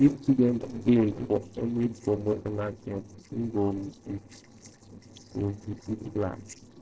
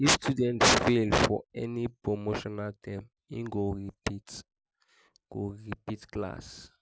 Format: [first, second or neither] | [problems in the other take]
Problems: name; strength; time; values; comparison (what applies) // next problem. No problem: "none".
second | noise reduction (neural separator model SepFormer DNS4)